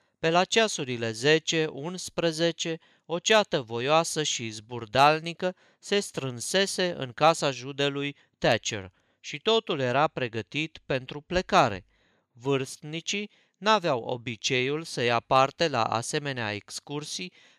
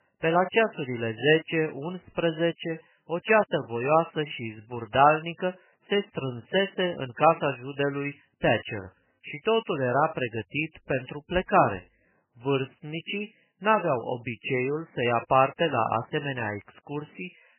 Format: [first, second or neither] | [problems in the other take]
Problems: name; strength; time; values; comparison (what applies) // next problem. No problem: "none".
first | garbled, watery; badly; nothing above 3 kHz